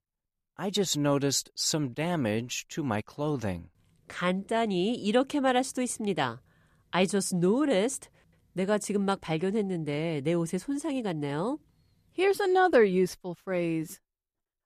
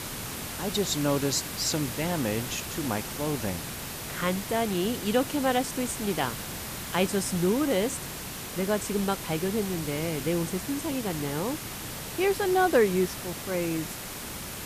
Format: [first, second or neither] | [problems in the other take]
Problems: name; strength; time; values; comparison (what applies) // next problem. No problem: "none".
first | hiss; loud; throughout; 6 dB below the speech